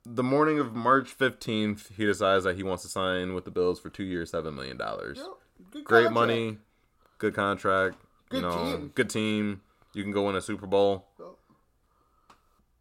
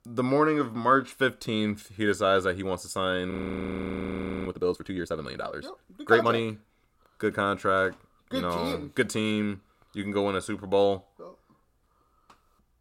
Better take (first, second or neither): first